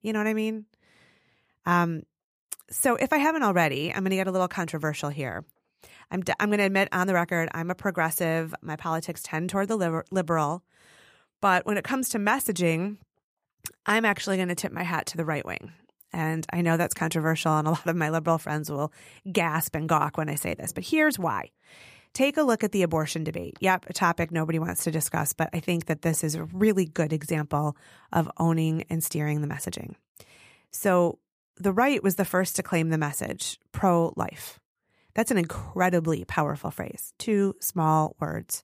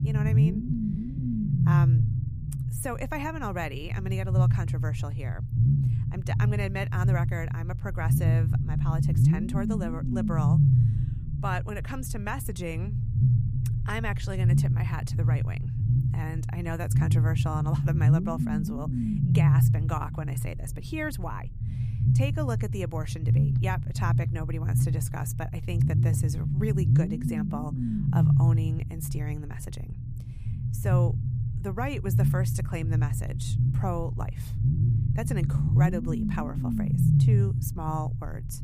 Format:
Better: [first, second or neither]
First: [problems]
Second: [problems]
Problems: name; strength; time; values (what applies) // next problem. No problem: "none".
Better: first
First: none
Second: low rumble; loud; throughout; 1 dB below the speech